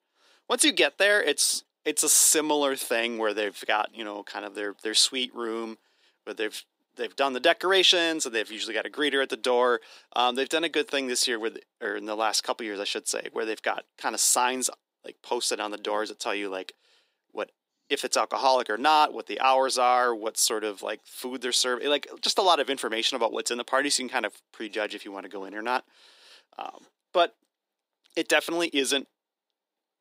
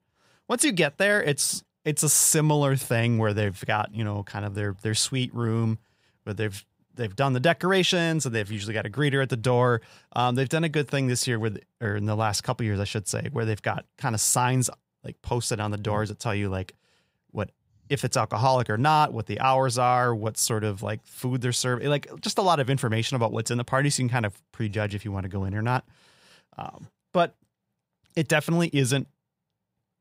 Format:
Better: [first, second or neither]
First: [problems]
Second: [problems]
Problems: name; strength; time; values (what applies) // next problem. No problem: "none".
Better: second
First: thin; somewhat; fading below 300 Hz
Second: none